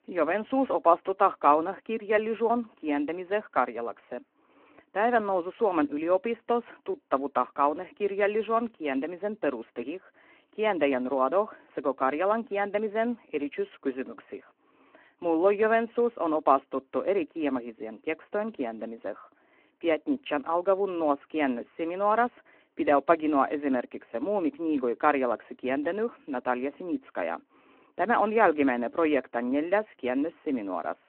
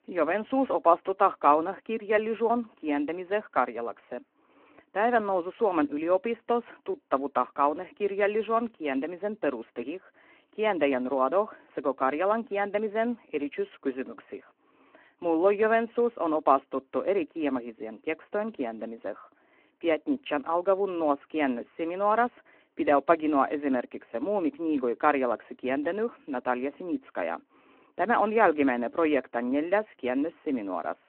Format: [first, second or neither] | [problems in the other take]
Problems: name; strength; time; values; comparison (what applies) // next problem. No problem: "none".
neither | phone-call audio; the same in both